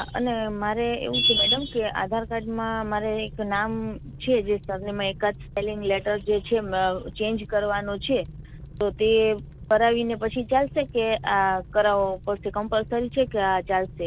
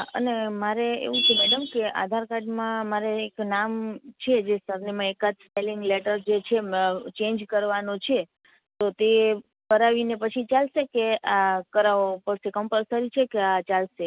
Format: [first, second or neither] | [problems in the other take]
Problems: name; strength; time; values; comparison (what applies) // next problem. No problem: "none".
second | background sound (Fire); 15 dB below the speech